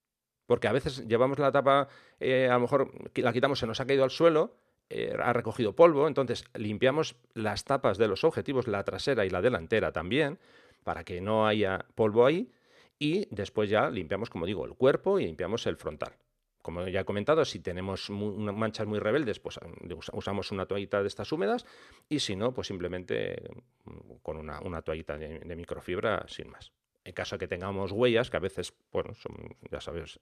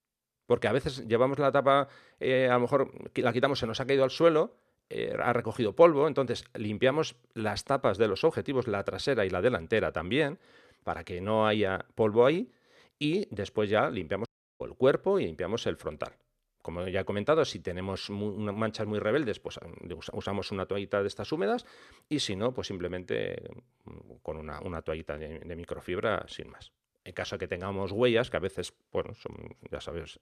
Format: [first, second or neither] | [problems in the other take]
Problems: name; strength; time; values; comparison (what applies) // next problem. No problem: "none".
first | audio cutting out; at 14 s